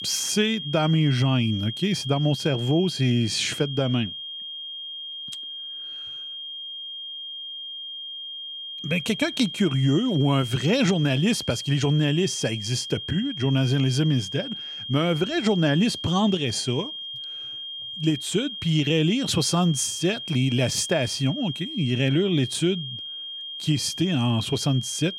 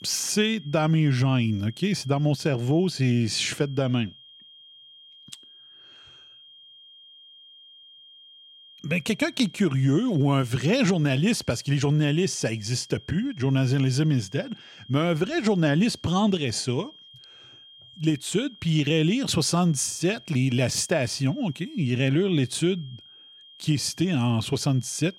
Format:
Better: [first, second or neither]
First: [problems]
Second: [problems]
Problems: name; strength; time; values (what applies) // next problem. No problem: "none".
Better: second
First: high-pitched whine; loud; throughout; 3 kHz, 9 dB below the speech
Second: high-pitched whine; faint; throughout; 3 kHz, 25 dB below the speech